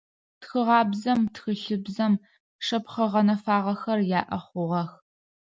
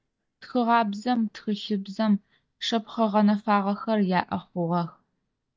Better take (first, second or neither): first